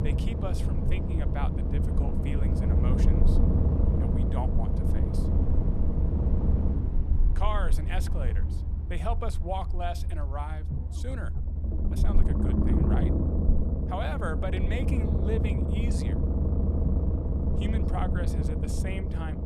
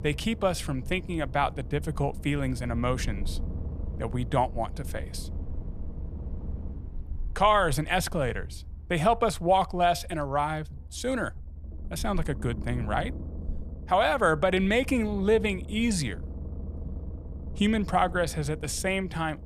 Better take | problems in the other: second | low rumble; loud; throughout; as loud as the speech; faint in the second

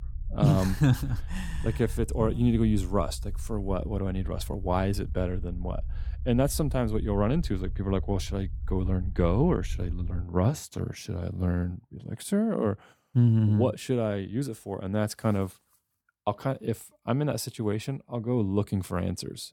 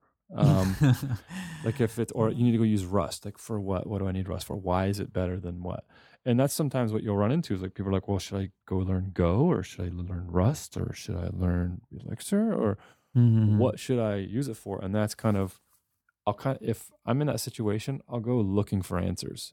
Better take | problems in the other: second | low rumble; faint; until 10 s; 25 dB below the speech

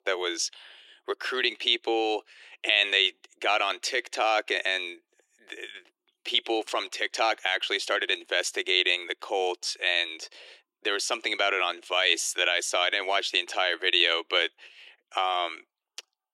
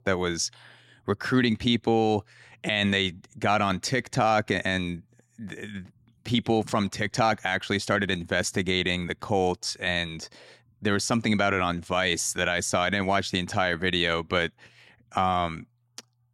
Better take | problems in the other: second | thin; very; fading below 350 Hz

